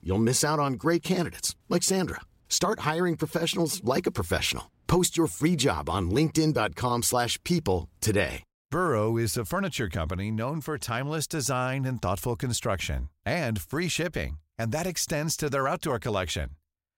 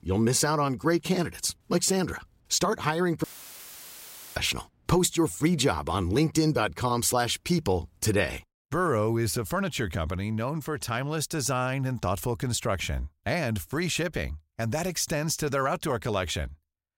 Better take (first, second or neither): first